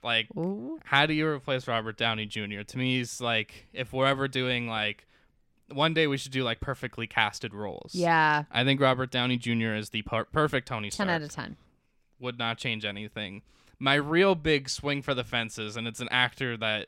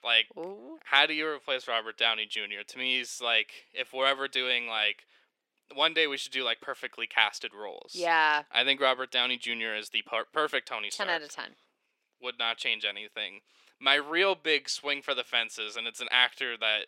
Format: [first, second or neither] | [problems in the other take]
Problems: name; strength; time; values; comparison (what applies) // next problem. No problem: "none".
first | thin; very; fading below 400 Hz